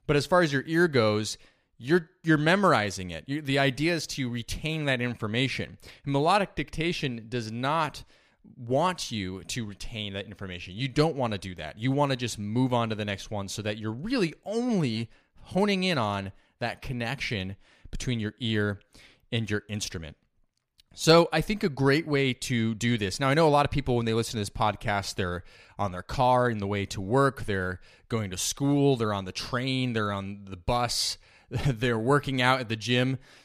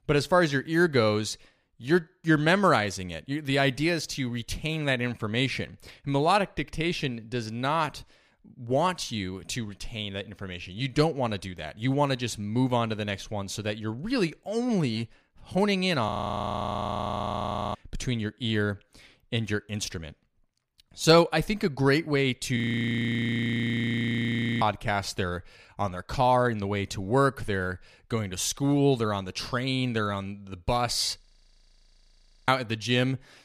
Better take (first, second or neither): first